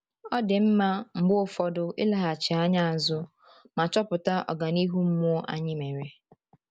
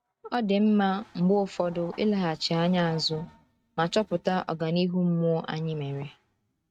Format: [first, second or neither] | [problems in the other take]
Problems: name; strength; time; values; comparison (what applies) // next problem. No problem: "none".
first | noise reduction (neural mask model RNNoise)